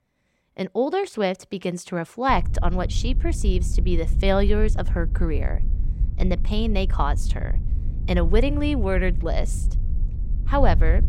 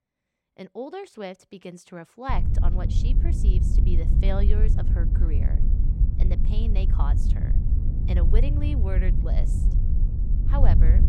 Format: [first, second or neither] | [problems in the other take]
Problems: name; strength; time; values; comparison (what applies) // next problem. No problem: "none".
first | wind noise on the microphone; heavy; from 2.5 s on; 4 dB below the speech; occasional gusts in the first